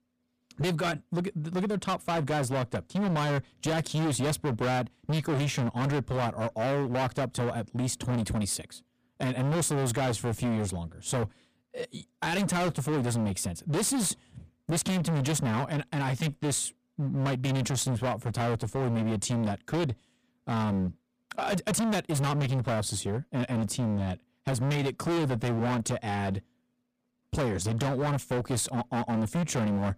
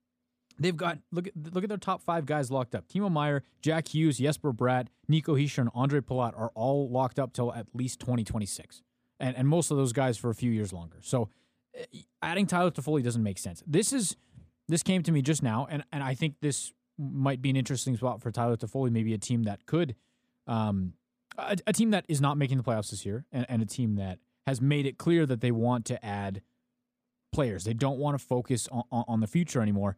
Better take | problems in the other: second | distortion; heavy; 28% of the sound clipped

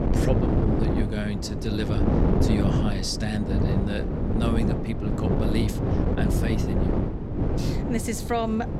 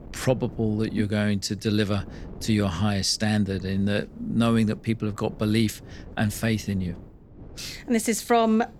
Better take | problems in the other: second | wind noise on the microphone; heavy; 1 dB above the speech; occasional gusts in the second

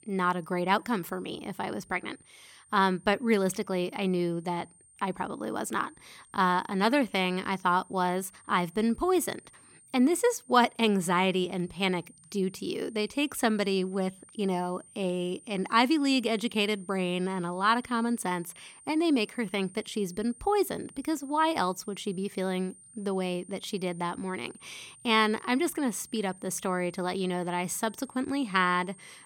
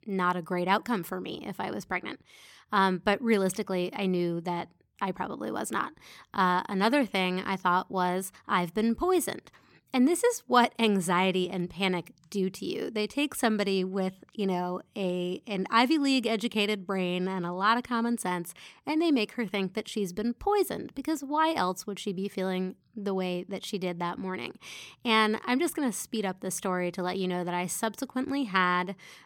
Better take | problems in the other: second | high-pitched whine; faint; throughout; 9 kHz, 25 dB below the speech

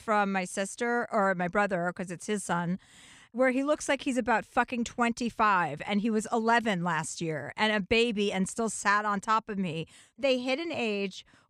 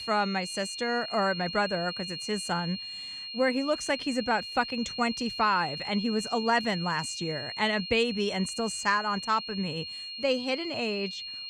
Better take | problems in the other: first | high-pitched whine; loud; throughout; 4 kHz, 7 dB below the speech

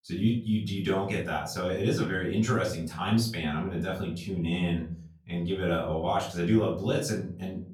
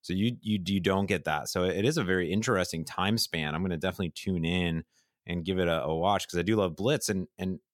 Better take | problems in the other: second | off-mic speech; far // room echo; slight; dies away in 0.4 s

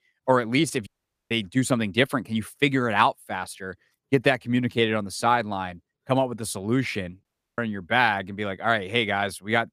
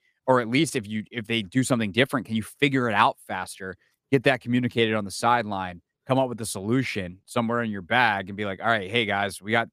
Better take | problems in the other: second | audio cutting out; at 1 s and at 7.5 s

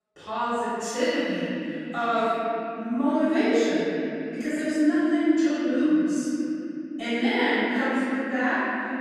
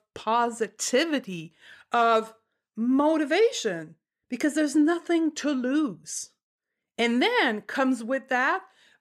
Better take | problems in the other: second | off-mic speech; far // room echo; strong; dies away in 3 s

